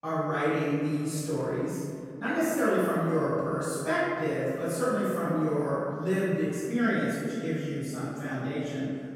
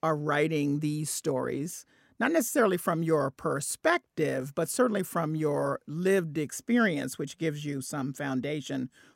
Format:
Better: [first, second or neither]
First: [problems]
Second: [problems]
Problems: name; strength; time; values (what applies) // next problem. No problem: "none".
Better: second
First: room echo; strong; dies away in 2.3 s // off-mic speech; far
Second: none